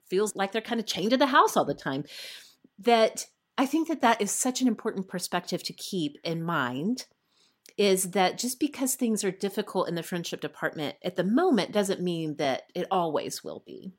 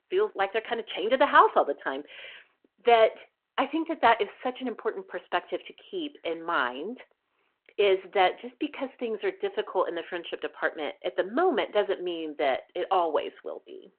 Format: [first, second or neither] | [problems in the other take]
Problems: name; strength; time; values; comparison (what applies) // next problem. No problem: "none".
first | phone-call audio